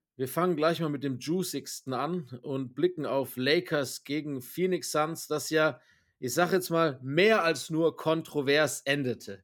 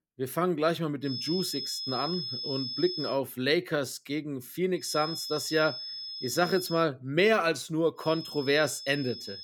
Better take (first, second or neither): first